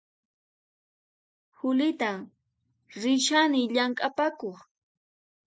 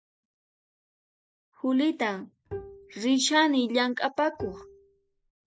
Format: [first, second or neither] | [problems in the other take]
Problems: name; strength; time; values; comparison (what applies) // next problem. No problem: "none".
first | background sound (Bowed string instrument); 14 dB below the speech